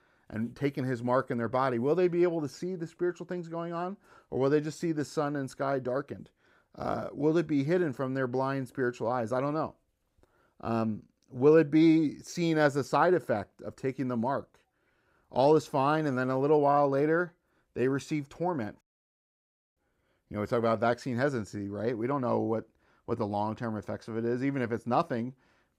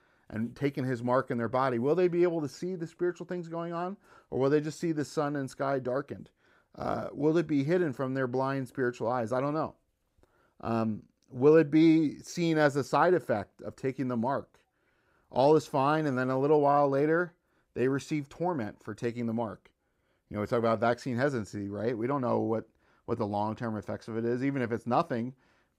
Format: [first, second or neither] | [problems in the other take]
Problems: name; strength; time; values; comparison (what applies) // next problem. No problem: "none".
second | audio cutting out; at 19 s for 1 s